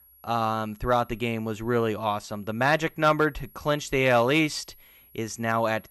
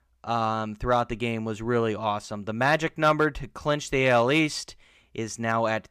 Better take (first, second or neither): second